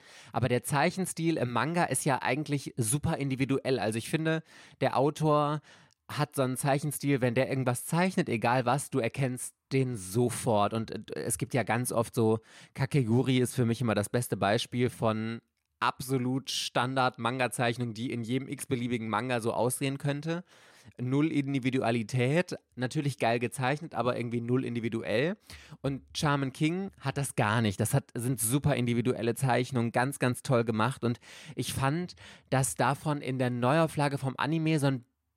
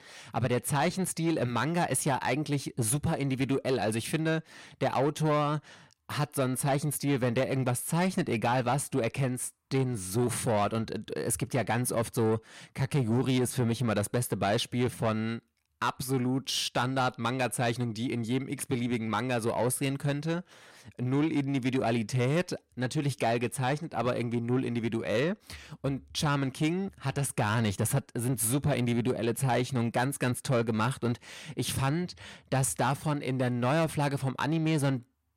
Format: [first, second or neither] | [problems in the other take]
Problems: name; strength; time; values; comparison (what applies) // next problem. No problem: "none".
first | distortion; slight; 10 dB below the speech